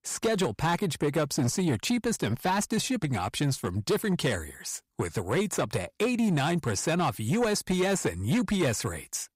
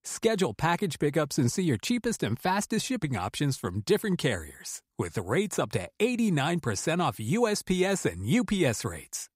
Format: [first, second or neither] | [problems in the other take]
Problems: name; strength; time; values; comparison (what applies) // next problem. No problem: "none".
second | distortion; slight; 10 dB below the speech